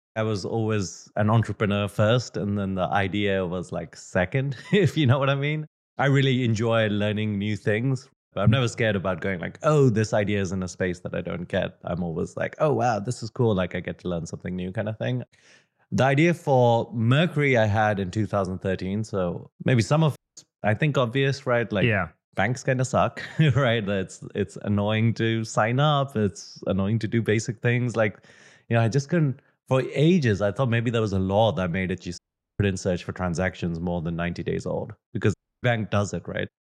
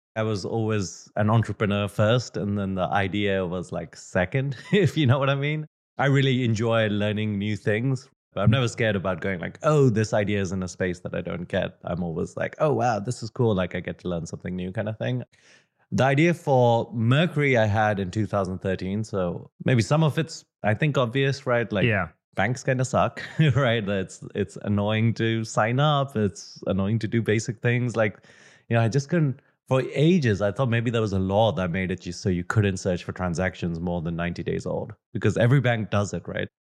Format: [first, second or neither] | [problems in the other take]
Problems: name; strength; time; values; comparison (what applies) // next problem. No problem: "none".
second | audio cutting out; at 20 s, at 32 s and at 35 s